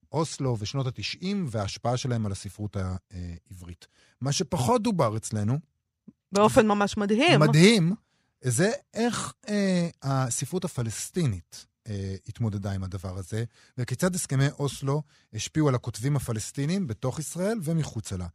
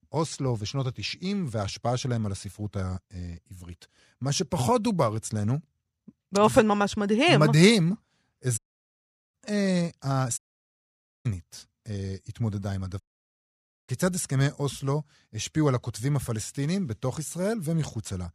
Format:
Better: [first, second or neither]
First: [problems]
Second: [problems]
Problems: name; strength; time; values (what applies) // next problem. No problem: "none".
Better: first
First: none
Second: audio cutting out; at 8.5 s for 1 s, at 10 s for 1 s and at 13 s for 1 s